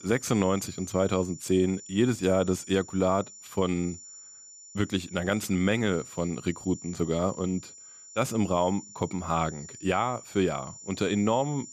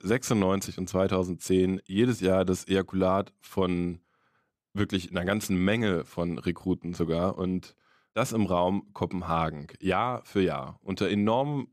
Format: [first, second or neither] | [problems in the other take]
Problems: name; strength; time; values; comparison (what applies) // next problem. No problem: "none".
second | high-pitched whine; noticeable; throughout; 7 kHz, 15 dB below the speech